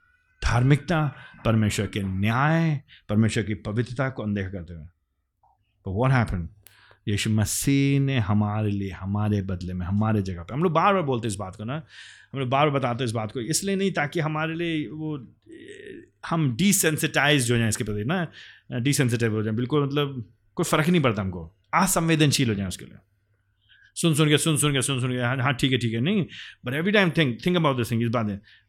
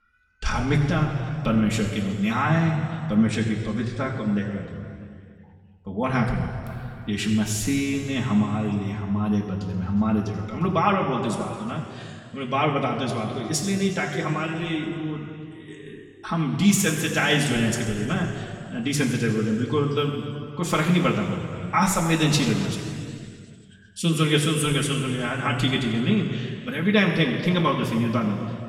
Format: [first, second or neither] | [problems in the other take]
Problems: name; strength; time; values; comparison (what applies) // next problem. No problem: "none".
first | room echo; noticeable; dies away in 2.5 s // off-mic speech; far